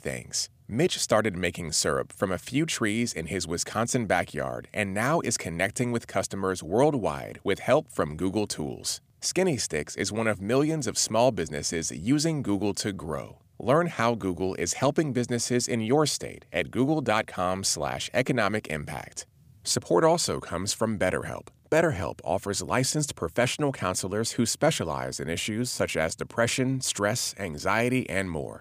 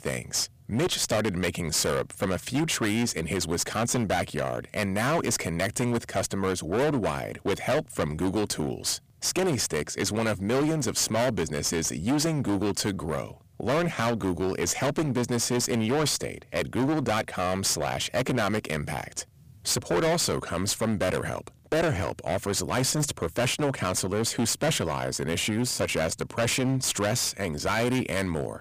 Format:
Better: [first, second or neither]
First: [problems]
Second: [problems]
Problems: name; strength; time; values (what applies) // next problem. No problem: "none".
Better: first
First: none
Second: distortion; heavy; 18% of the sound clipped